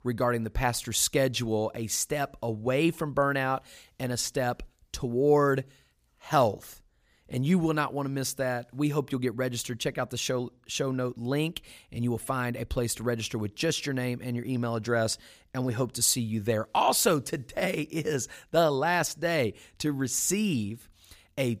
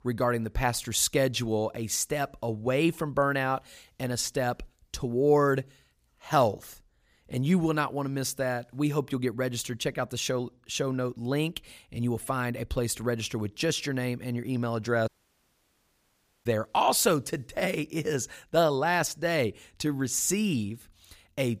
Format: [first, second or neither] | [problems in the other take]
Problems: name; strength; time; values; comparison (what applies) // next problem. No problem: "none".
first | audio cutting out; at 15 s for 1.5 s